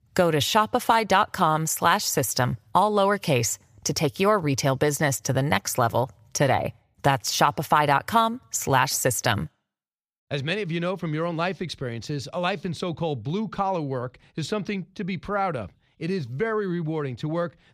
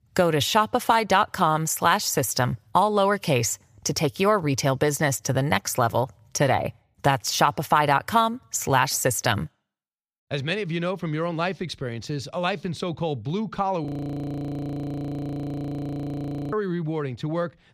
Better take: first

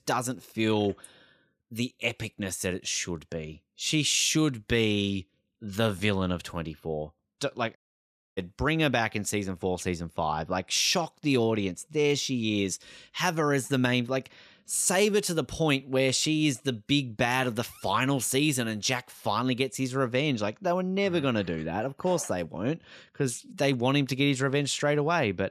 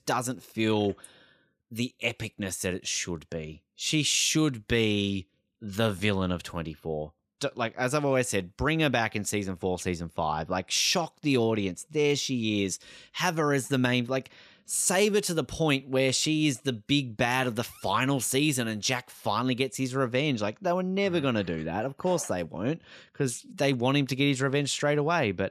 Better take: second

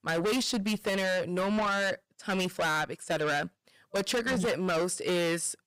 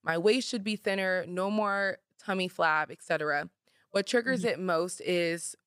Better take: second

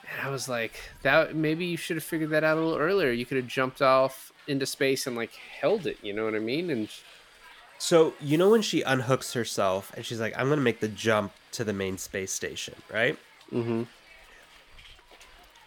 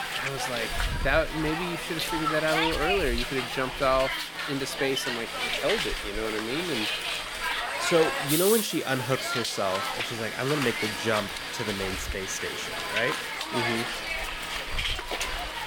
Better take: first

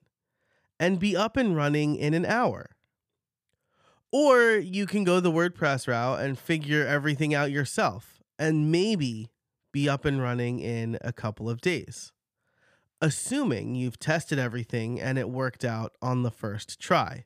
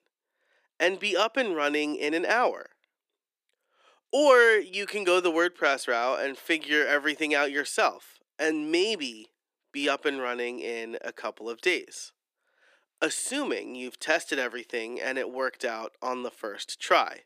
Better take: first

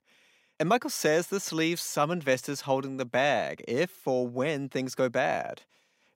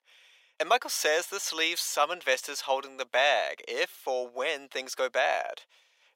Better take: first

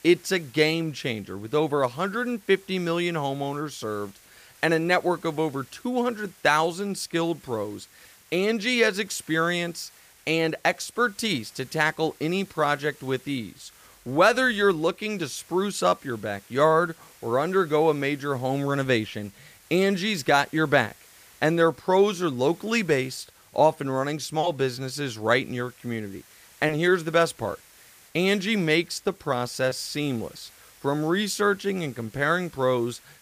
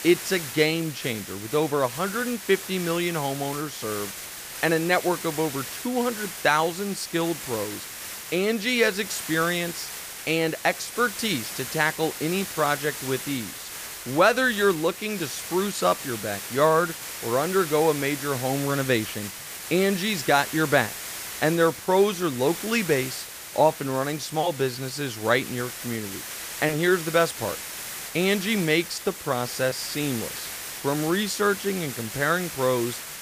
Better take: first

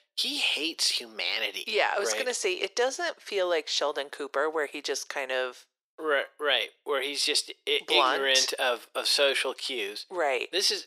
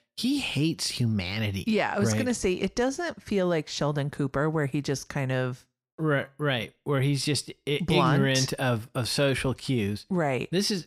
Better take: second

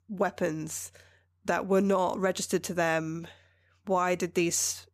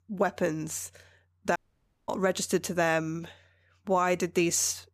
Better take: first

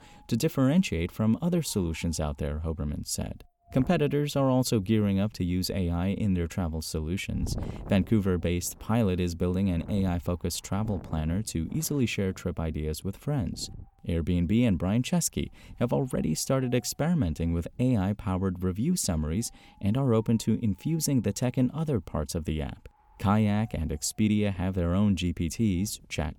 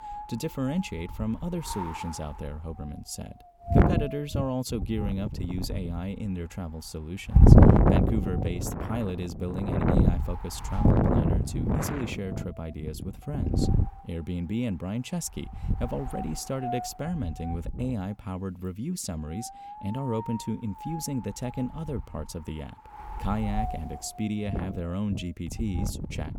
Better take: first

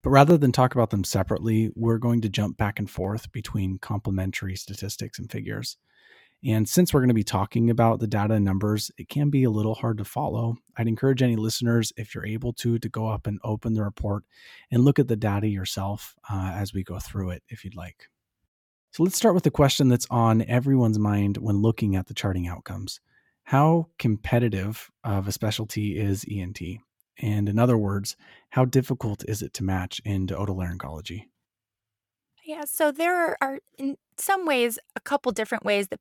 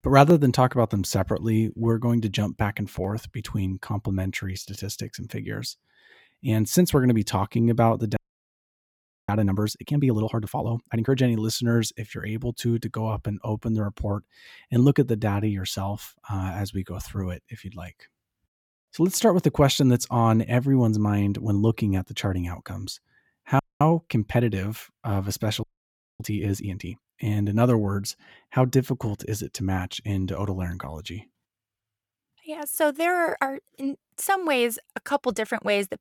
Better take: first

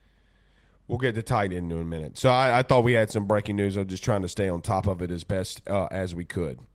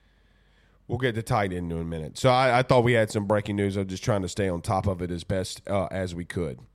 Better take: second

